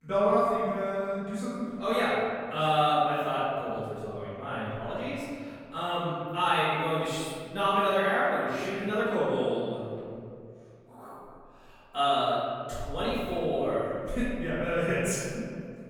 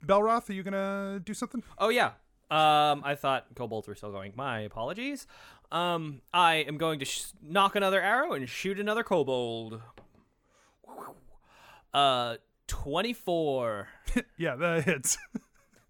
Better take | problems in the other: second | off-mic speech; far // room echo; strong; dies away in 2.3 s

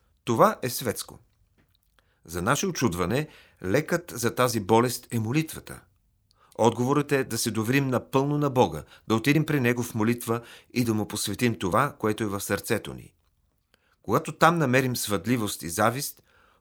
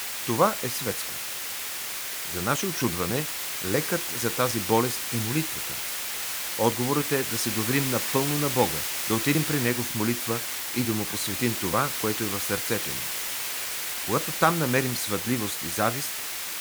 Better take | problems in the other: first | hiss; loud; throughout; as loud as the speech

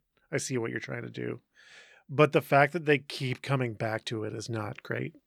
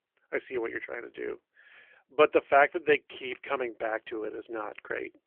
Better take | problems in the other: first | phone-call audio; nothing above 3 kHz

